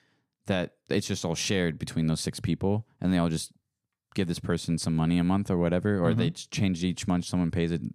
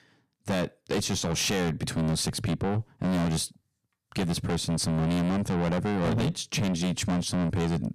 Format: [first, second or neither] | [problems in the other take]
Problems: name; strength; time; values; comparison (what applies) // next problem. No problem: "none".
first | distortion; heavy; 6 dB below the speech